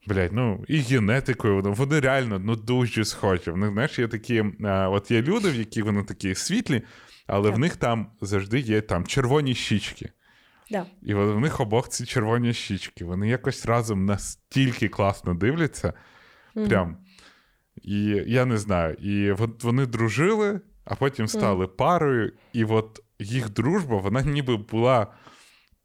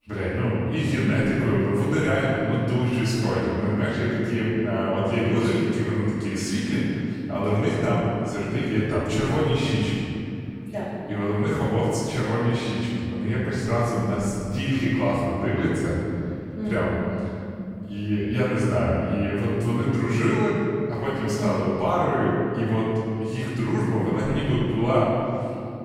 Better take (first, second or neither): first